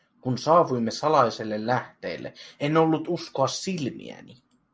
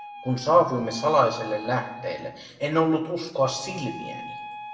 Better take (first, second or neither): first